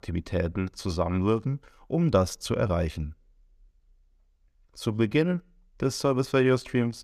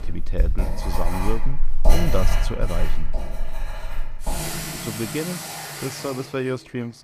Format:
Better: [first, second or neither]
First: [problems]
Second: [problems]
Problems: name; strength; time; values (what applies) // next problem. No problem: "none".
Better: first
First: none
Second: household noises; very loud; throughout; 2 dB above the speech